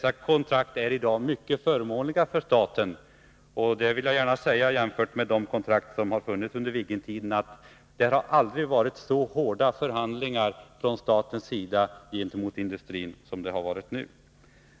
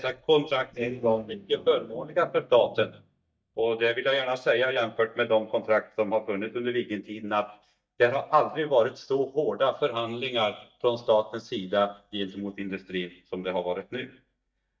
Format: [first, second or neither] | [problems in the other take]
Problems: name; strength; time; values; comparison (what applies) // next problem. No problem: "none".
first | noise reduction (neural mask model DeepFilterNet 3)